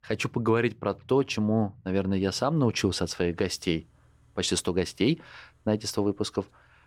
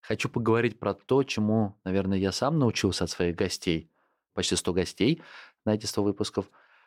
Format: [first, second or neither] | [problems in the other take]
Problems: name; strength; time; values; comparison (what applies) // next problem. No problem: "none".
second | traffic noise; faint; throughout; 30 dB below the speech